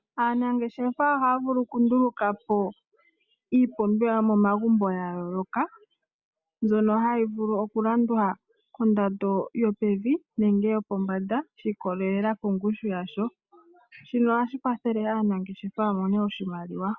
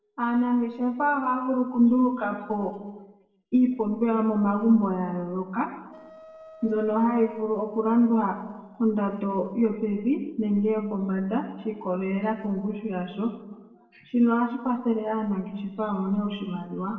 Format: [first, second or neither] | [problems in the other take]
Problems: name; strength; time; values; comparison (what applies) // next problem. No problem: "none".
first | noise reduction (neural separator model SepFormer DNS4)